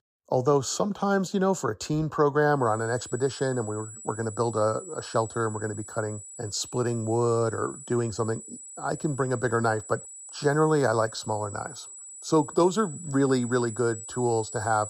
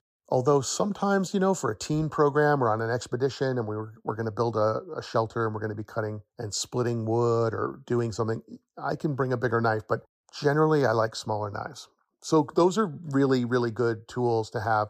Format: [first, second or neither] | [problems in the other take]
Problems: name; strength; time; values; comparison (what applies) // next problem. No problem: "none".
second | high-pitched whine; noticeable; from 2.5 s on; 8 kHz, 15 dB below the speech